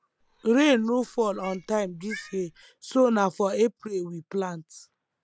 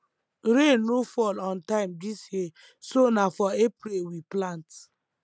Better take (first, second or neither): second